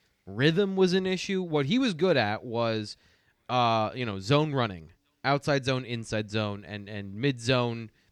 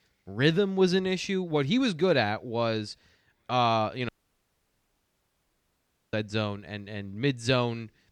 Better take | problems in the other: first | audio cutting out; at 4 s for 2 s

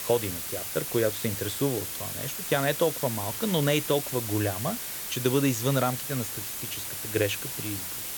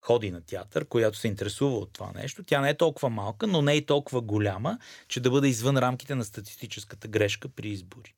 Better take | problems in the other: second | hiss; loud; throughout; 3 dB below the speech

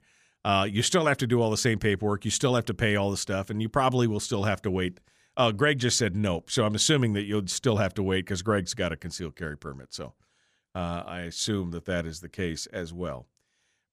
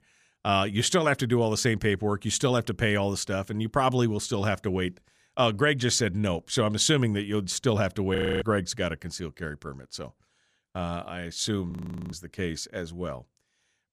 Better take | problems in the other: first | audio freezing; at 8 s and at 12 s

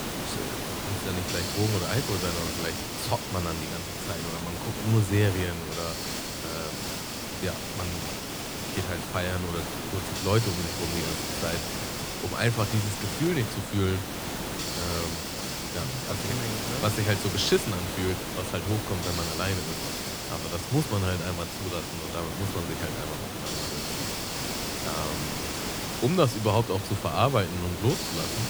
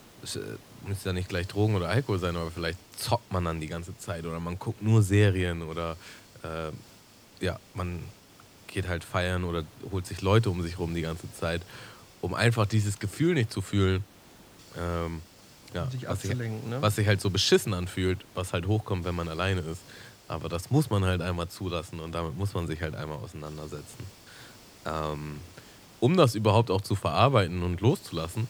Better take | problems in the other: second | hiss; loud; throughout; 2 dB below the speech; faint in the second

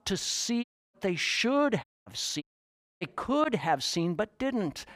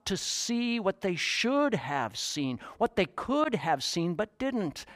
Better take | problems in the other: second | audio cutting out; at 0.5 s, at 2 s and at 2.5 s for 0.5 s

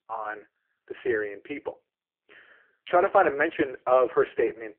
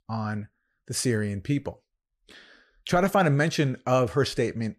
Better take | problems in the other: second | phone-call audio; poor line

